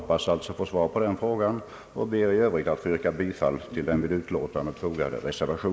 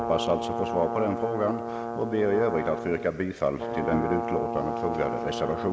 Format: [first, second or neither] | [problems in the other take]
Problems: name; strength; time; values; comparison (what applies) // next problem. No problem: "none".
first | background sound (Brass instrument); 4 dB below the speech